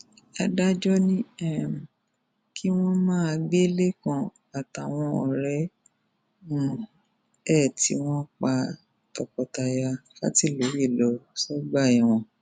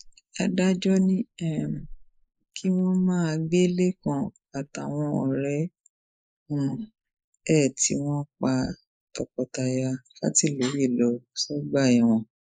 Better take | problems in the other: first | noise reduction (neural mask model Resemble Enhance denoiser)

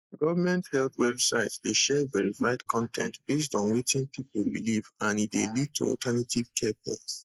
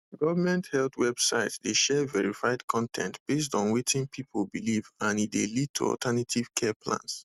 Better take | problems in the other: second | noise reduction (neural mask model Resemble Enhance denoiser)

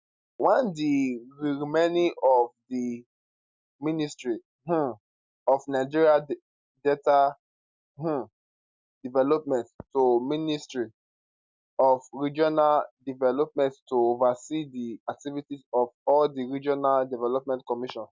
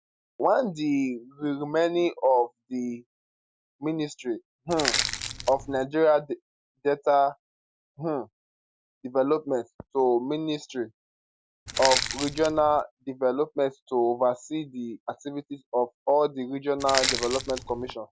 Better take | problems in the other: first | background sound (Crushing); 3 dB below the speech

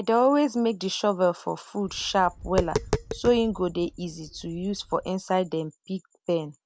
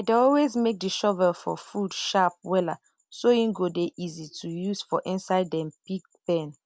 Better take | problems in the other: second | background sound (Tap); 9 dB below the speech

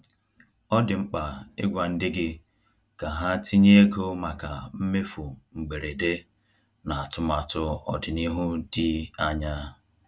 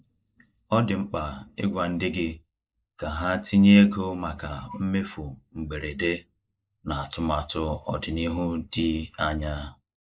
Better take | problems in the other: first | noise reduction (neural mask model Resemble Enhance denoiser)

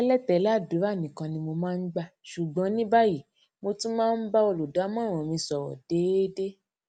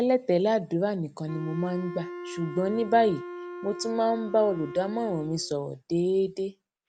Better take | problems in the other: first | background sound (Wind instrument, woodwind instrument); 13 dB below the speech

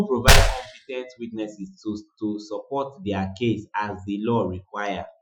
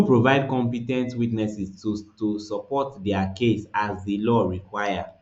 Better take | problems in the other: second | noise reduction (classical method Wiener filter)

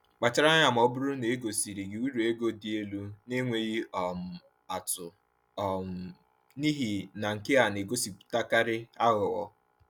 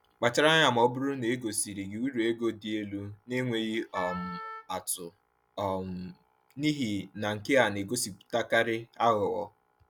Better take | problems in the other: first | background sound (Wind instrument, woodwind instrument); 13 dB below the speech

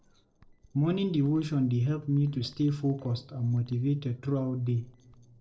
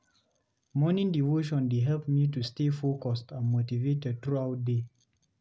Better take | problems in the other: second | noise reduction (neural separator model SepFormer DNS4)

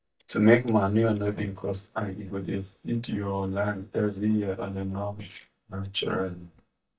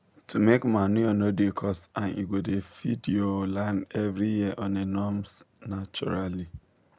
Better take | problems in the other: second | noise reduction (neural mask model DeepFilterNet 3)

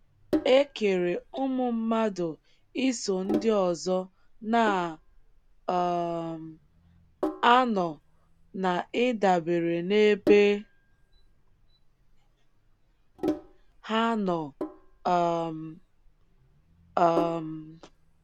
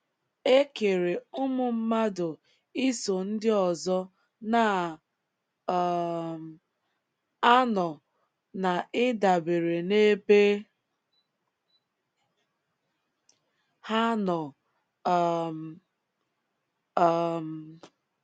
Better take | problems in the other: second | background sound (Sink (filling or washing)); 11 dB below the speech

